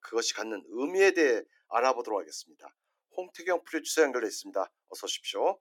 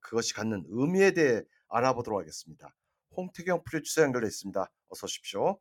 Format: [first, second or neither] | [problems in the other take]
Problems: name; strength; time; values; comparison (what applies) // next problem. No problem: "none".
second | thin; somewhat; fading below 300 Hz